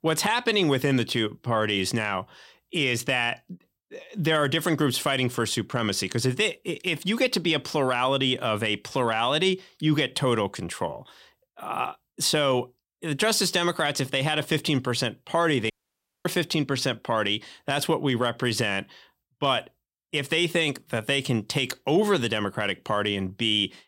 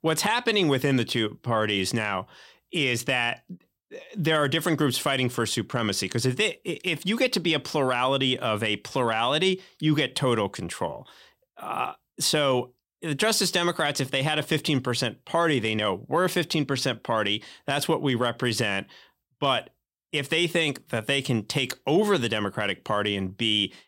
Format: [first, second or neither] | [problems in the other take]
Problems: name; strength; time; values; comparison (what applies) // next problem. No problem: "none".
second | audio cutting out; at 16 s for 0.5 s